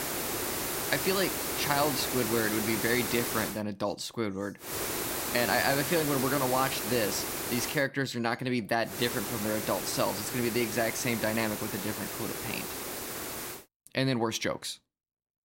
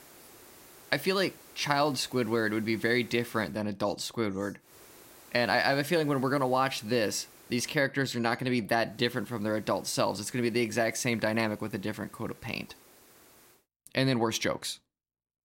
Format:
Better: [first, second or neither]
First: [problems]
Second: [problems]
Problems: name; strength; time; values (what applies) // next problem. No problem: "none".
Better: second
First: hiss; loud; until 3.5 s, from 4.5 to 8 s and from 9 to 14 s; 2 dB below the speech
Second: hiss; faint; until 3.5 s, from 4.5 to 8 s and from 9 to 14 s; 25 dB below the speech